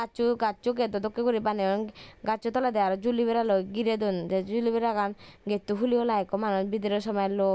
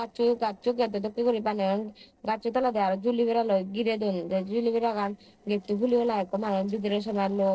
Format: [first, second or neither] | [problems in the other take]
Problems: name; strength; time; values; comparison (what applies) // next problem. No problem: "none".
first | noise reduction (neural separator model SepFormer DNS4)